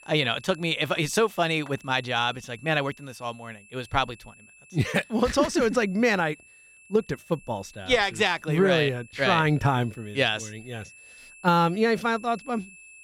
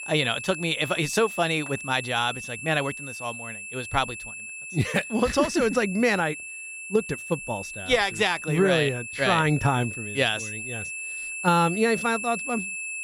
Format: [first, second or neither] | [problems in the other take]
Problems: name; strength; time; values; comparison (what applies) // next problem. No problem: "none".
first | high-pitched whine; loud; throughout; 2.5 kHz, 9 dB below the speech; faint in the first